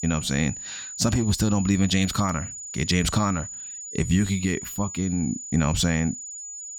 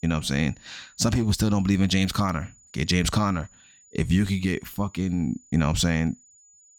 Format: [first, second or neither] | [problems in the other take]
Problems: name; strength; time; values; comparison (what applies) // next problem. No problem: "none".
second | high-pitched whine; loud; throughout; 7 kHz, 9 dB below the speech; faint in the second